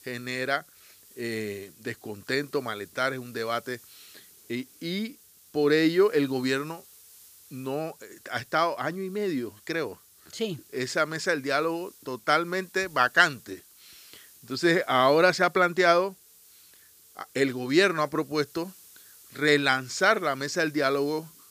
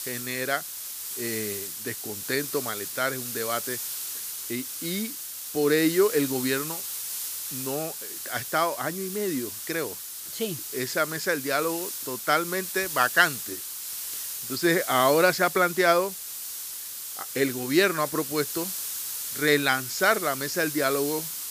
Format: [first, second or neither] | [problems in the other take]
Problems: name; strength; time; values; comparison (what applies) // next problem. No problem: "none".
first | hiss; loud; throughout; 6 dB below the speech; faint in the first